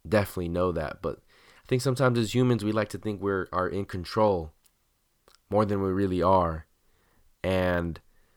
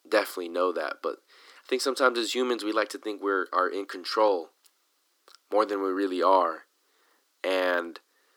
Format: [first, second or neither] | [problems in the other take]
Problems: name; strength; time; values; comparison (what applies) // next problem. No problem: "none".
first | thin; somewhat; fading below 300 Hz